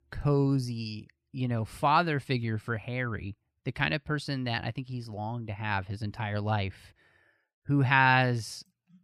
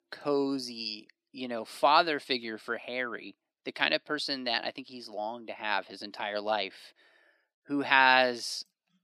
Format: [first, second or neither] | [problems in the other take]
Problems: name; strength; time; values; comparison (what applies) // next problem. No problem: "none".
first | thin; somewhat; fading below 300 Hz